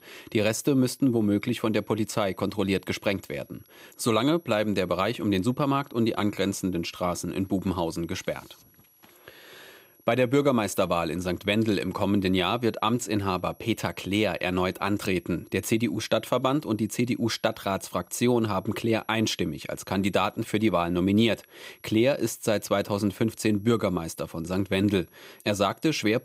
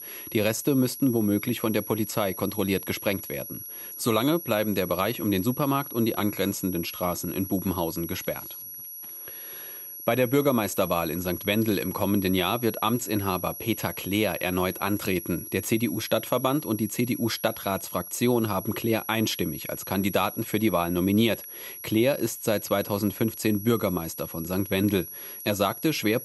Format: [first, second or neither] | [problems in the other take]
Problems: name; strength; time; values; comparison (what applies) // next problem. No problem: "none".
first | high-pitched whine; loud; throughout; 11.5 kHz, 10 dB below the speech; faint in the first